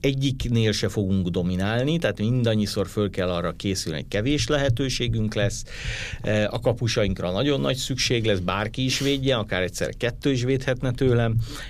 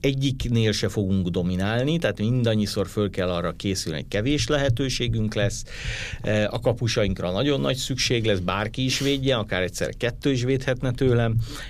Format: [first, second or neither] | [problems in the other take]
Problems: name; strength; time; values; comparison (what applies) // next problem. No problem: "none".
neither | low rumble; faint; throughout; 25 dB below the speech; the same in both